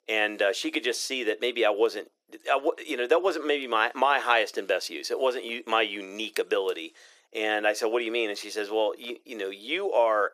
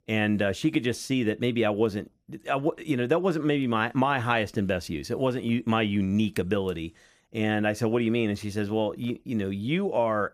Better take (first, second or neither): second